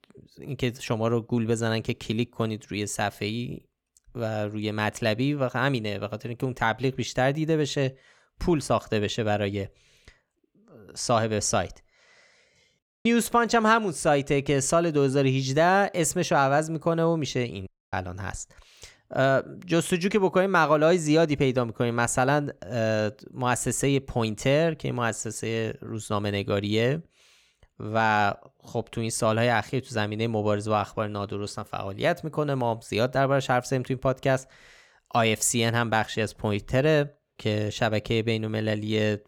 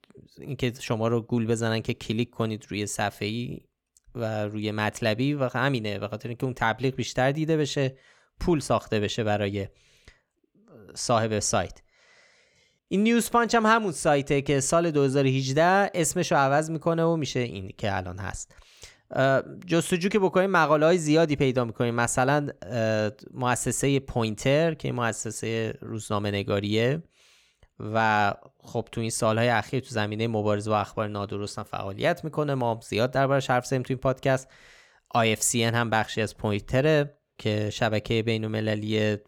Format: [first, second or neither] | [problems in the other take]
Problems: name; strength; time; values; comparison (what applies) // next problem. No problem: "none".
second | audio cutting out; at 13 s and at 18 s